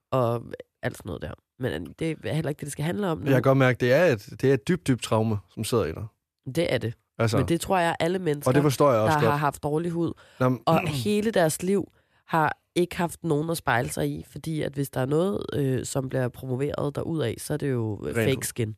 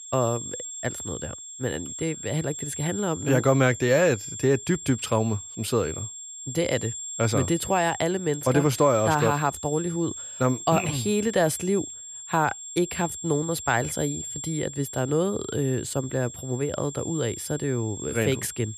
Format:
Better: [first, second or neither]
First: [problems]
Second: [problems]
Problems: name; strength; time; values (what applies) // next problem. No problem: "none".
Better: first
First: none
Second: high-pitched whine; loud; throughout; 7.5 kHz, 9 dB below the speech